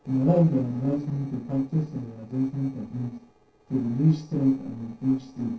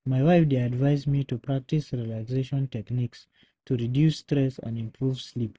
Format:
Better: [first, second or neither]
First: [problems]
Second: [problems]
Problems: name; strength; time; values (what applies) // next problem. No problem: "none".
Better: second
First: noise reduction (neural separator model SepFormer DNS4)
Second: none